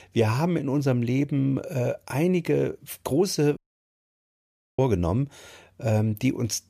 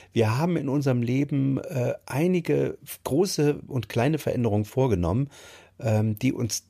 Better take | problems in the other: second | audio cutting out; at 3.5 s for 1 s

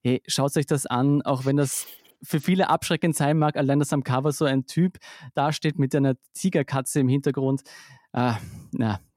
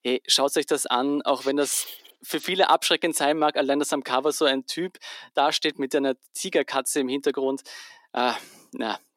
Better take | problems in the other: first | thin; somewhat; fading below 300 Hz

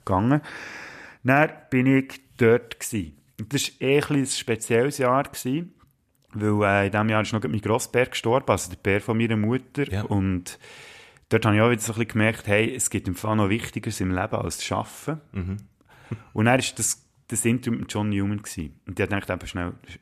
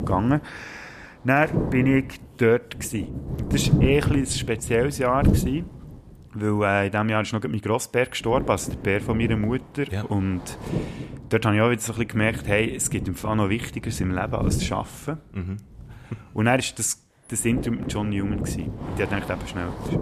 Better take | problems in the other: first | wind noise on the microphone; occasional gusts; 10 dB below the speech

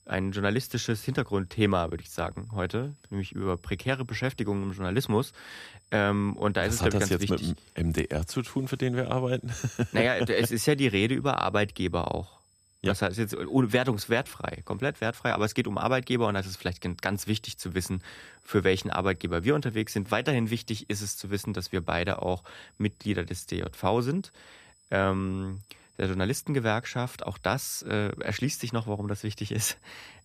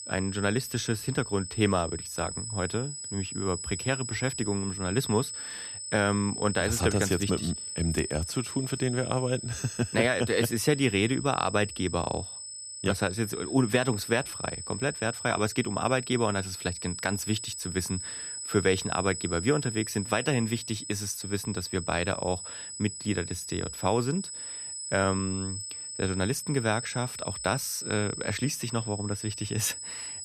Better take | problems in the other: first | high-pitched whine; loud; throughout; 8 kHz, 7 dB below the speech; faint in the first

